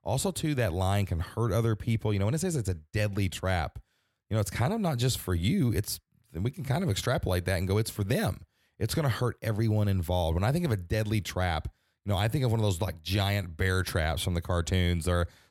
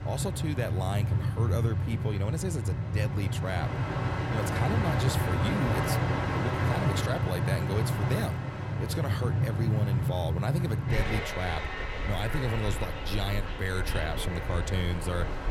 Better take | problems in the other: first | train or aircraft noise; very loud; throughout; 2 dB above the speech

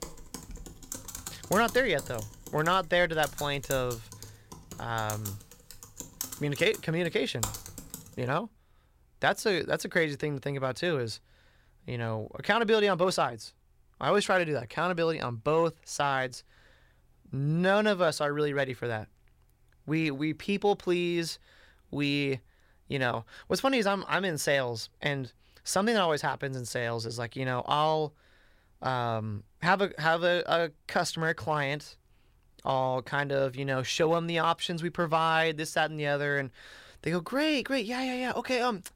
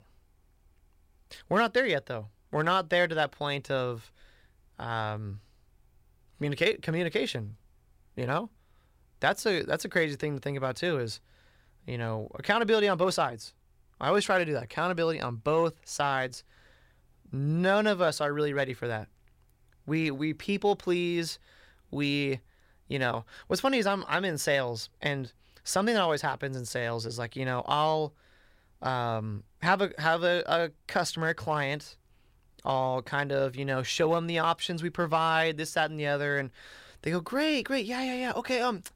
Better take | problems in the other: second | keyboard typing; noticeable; until 8 s; peak 6 dB below the speech

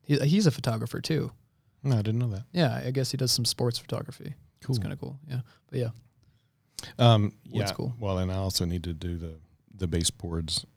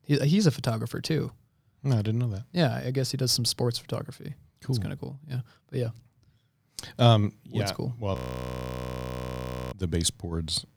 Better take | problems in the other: first | audio freezing; at 8 s for 1.5 s

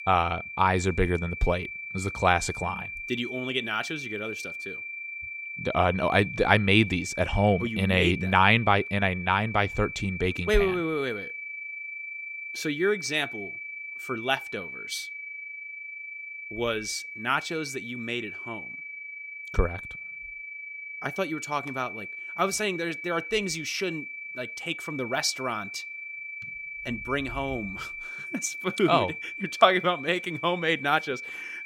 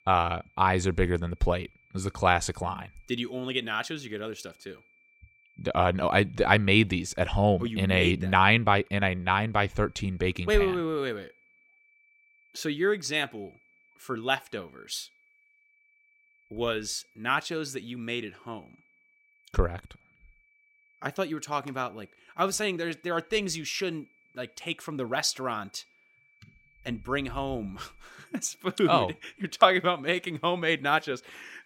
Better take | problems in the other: second | high-pitched whine; loud; throughout; 2.5 kHz, 9 dB below the speech; faint in the second

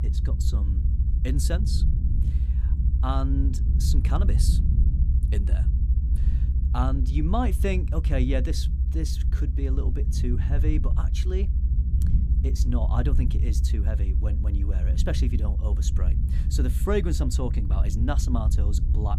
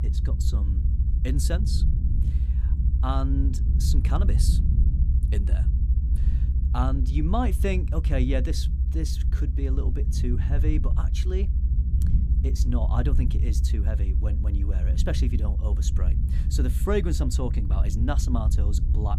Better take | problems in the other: neither | low rumble; loud; throughout; 7 dB below the speech; the same in both

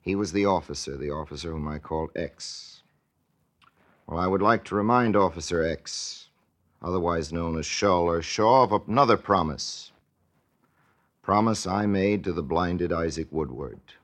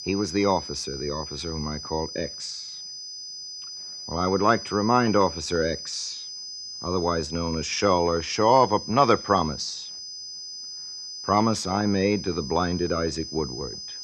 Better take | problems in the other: first | high-pitched whine; loud; throughout; 5 kHz, 10 dB below the speech

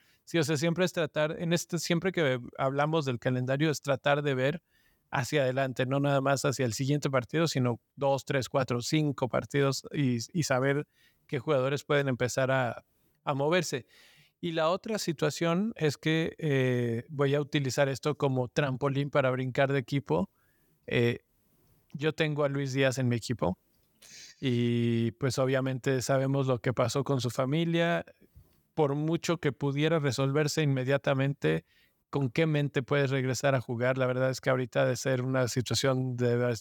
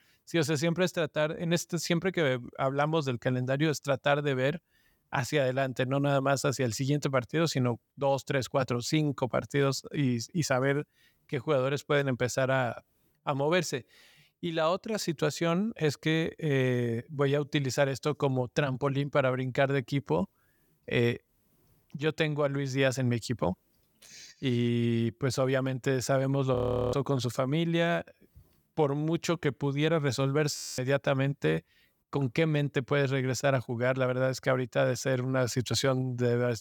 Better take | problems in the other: first | audio freezing; at 27 s and at 31 s

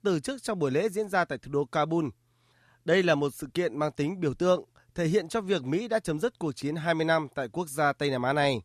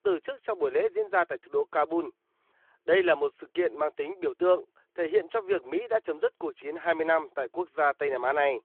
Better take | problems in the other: first | phone-call audio

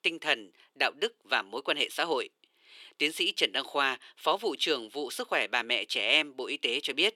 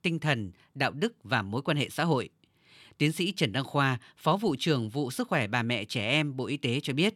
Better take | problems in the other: second | thin; very; fading below 400 Hz

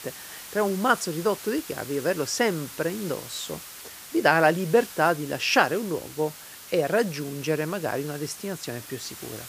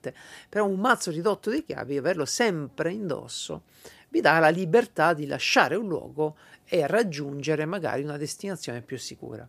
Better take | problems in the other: second | hiss; noticeable; throughout; 15 dB below the speech

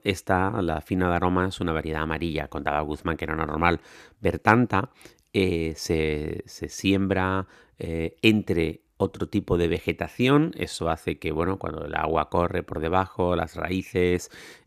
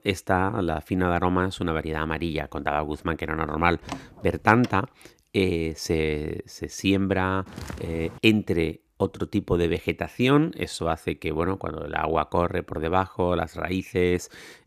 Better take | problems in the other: first | door banging; faint; at 4 s; peak 15 dB below the speech // footsteps; faint; at 7.5 s; peak 15 dB below the speech

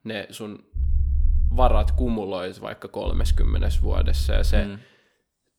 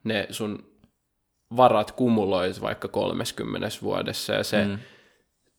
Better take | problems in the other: second | low rumble; noticeable; from 1 to 2 s and from 3 to 4.5 s; 15 dB below the speech

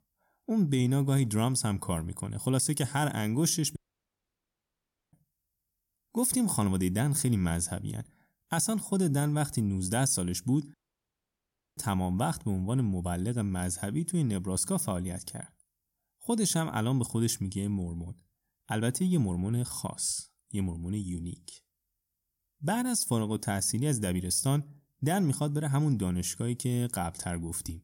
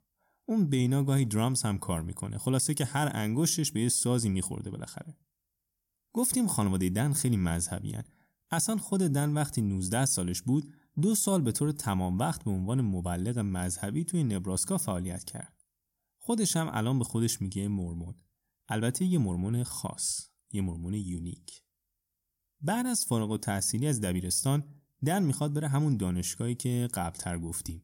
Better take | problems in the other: second | audio cutting out; at 4 s for 1.5 s and at 11 s for 1 s

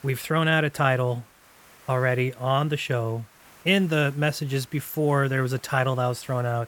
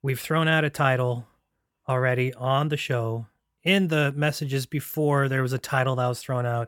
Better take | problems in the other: second | hiss; faint; throughout; 25 dB below the speech

